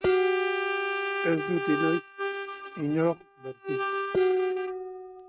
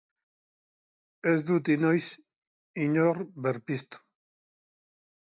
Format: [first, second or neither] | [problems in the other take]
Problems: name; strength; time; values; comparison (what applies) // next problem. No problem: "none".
second | noise reduction (neural mask model RNNoise)